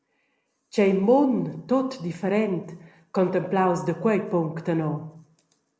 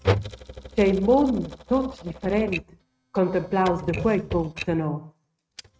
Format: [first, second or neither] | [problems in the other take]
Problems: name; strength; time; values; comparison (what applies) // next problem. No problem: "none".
first | noise reduction (neural mask model RNNoise)